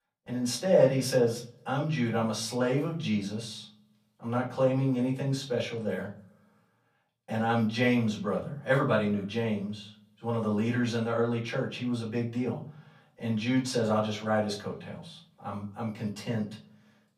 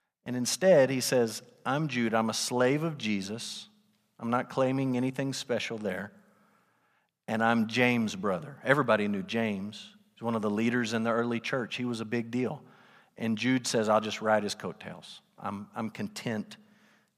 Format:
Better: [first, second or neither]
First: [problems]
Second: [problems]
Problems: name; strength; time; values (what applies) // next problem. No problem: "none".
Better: second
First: off-mic speech; far // room echo; slight; dies away in 0.4 s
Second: none